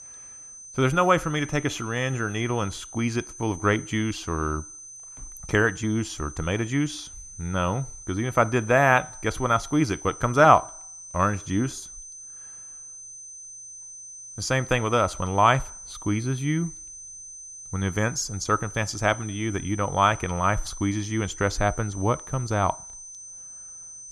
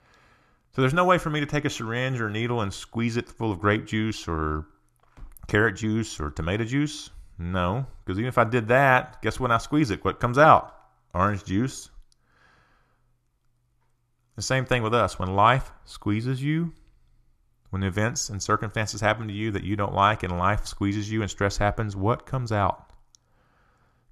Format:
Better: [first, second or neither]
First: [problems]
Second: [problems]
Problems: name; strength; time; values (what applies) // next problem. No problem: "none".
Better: second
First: high-pitched whine; noticeable; throughout; 6 kHz, 15 dB below the speech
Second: none